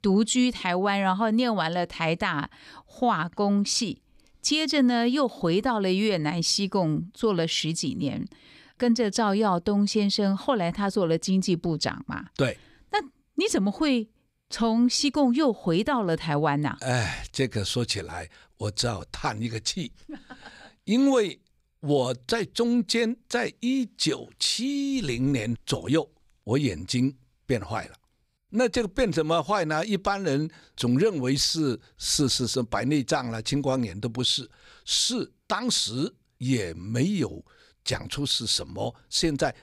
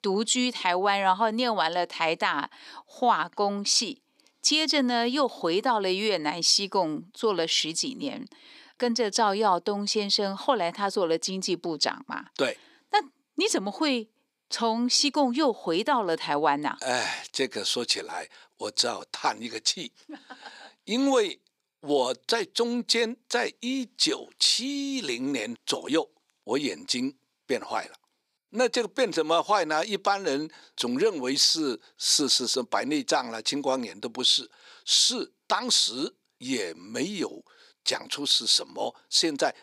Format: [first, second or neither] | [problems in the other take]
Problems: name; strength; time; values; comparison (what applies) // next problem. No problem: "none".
first | thin; somewhat; fading below 300 Hz